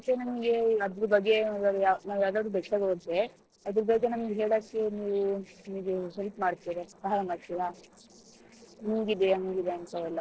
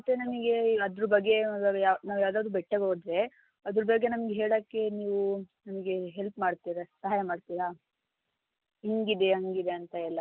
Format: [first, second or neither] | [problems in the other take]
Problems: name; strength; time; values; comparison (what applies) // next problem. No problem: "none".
second | noise reduction (neural separator model SepFormer DNS4)